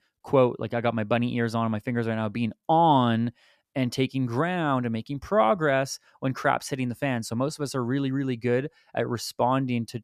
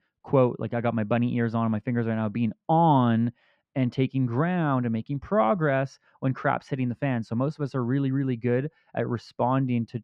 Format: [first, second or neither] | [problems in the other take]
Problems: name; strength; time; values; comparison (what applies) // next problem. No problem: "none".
first | muffled; slightly; fading above 2.5 kHz